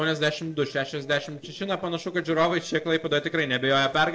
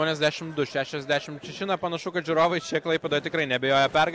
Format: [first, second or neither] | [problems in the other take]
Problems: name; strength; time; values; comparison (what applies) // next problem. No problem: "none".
second | noise reduction (neural separator model SepFormer DNS4)